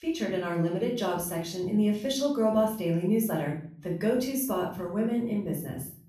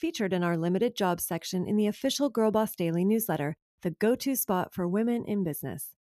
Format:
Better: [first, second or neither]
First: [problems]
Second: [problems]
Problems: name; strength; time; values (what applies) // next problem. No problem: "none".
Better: second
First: off-mic speech; far // room echo; slight; dies away in 0.5 s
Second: none